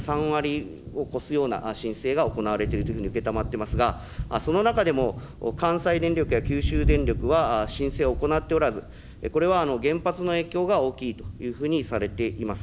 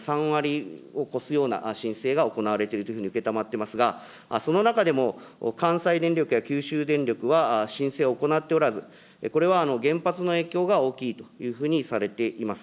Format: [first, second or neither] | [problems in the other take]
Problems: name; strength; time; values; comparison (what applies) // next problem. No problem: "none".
second | background sound (Thunder); 7 dB below the speech